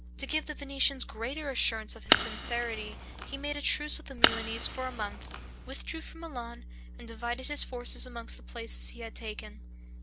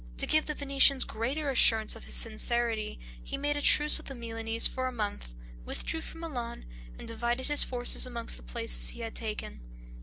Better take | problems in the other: second | background sound (Fire); 4 dB above the speech

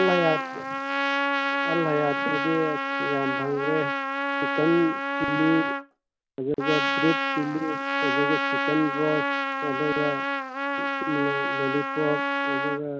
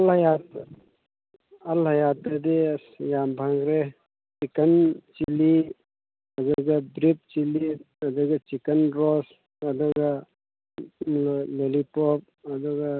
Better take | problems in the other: second | background sound (Trumpet); 1 dB above the speech

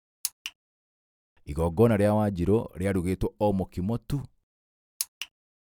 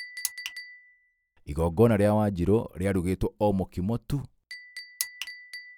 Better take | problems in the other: first | background sound (Chink, clink); 19 dB below the speech

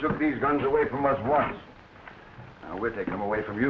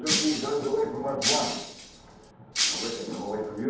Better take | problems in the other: first | background sound (Shatter); 1 dB below the speech // room echo; dies away in 0.8 s

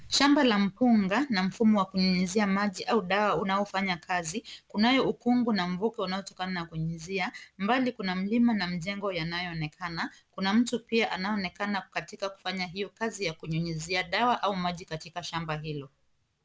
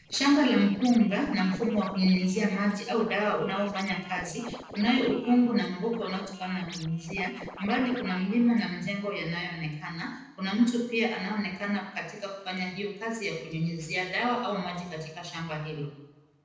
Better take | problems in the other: first | noise reduction (neural separator model SepFormer DNS4)

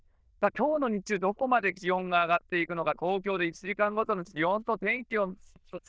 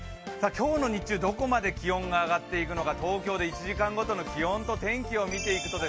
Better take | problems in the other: second | noise reduction (neural diffusion model UNIVERSE++)

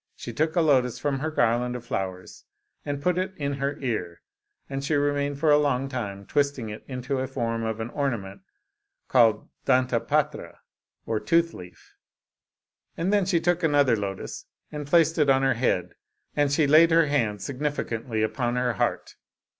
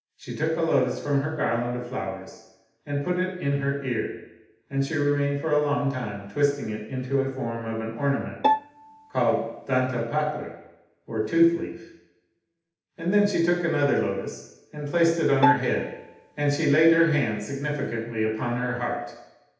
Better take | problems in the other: first | background sound (Bowed string instrument); 3 dB below the speech // room echo; dies away in 0.8 s

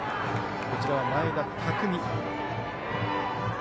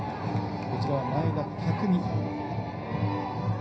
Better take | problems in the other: first | room echo; dies away in 0.4 s

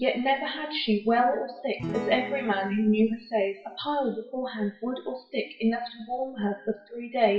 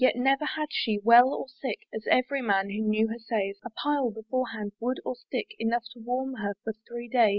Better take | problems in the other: second | noise reduction (classical method WPE with log-MMSE)

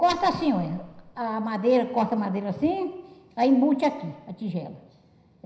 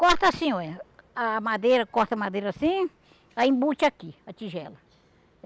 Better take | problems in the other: second | room echo; dies away in 0.9 s

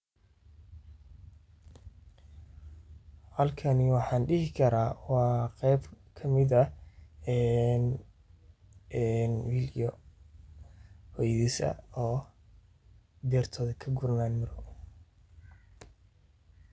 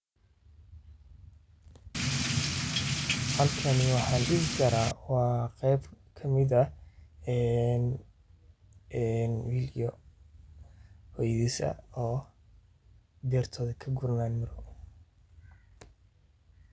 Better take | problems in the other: first | background sound (Drip / Rain); 1 dB above the speech

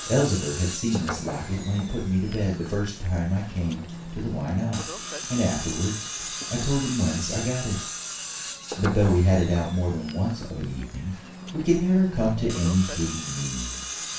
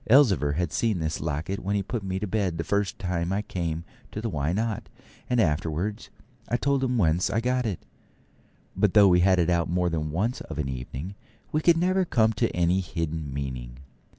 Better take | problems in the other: second | background sound (Tools); 10 dB below the speech // room echo; dies away in 0.3 s

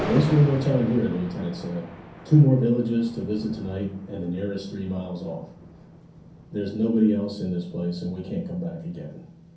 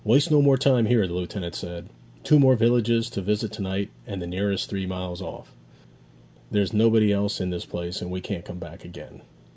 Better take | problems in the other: second | background sound (Thunder); 15 dB below the speech // room echo; dies away in 0.6 s

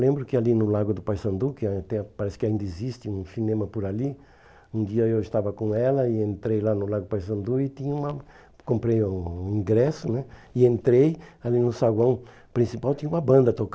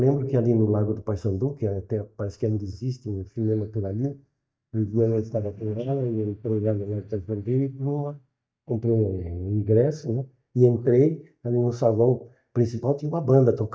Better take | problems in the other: first | noise reduction (neural mask model DeepFilterNet 3)

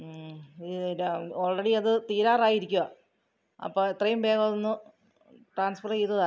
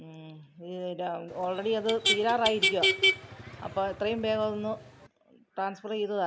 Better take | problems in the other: first | background sound (Motor vehicle (road)); as loud as the speech

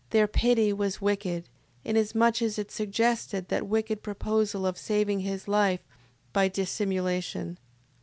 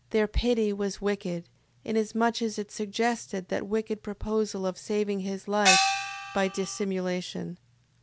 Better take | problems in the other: first | background sound (Gong); 2 dB above the speech

